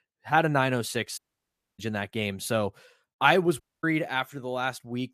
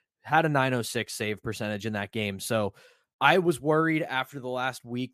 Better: second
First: audio cutting out; at 1 s for 0.5 s and at 3.5 s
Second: none

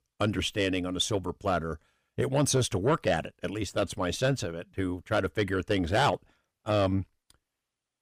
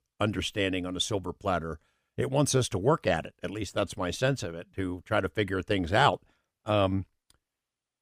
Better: second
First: distortion; slight; 10 dB below the speech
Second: none

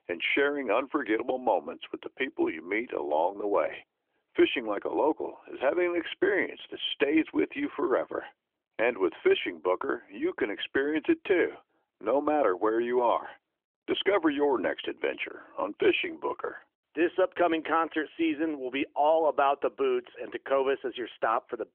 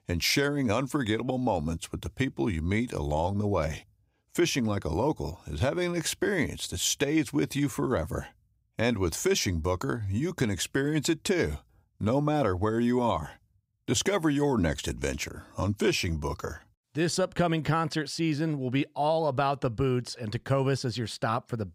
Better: second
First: phone-call audio; nothing above 3.5 kHz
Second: none

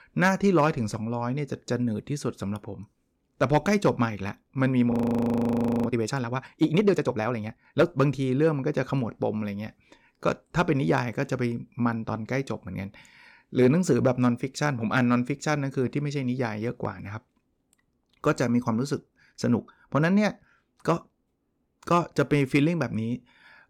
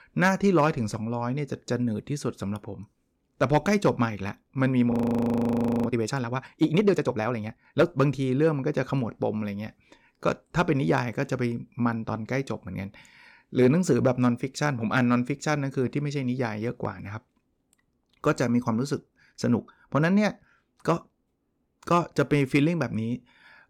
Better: neither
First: audio freezing; at 5 s for 1 s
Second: audio freezing; at 5 s for 1 s

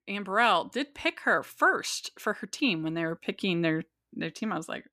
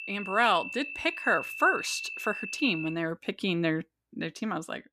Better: first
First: none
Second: high-pitched whine; loud; until 3 s; 2.5 kHz, 7 dB below the speech

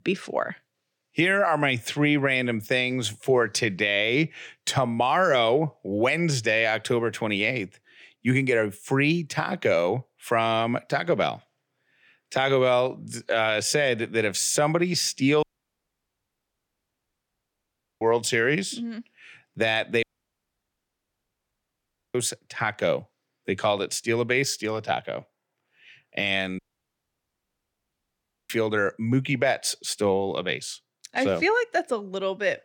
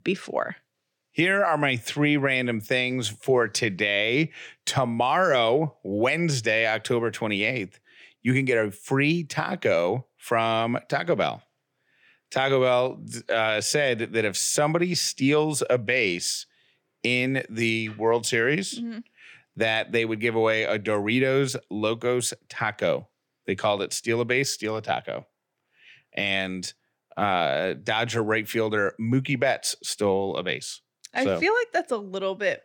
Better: second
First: audio cutting out; at 15 s for 2.5 s, at 20 s for 2 s and at 27 s for 2 s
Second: none

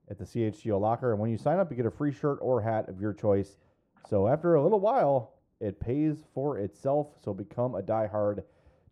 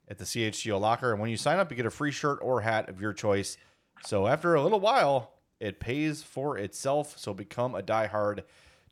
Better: second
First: muffled; very; fading above 1.5 kHz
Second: none

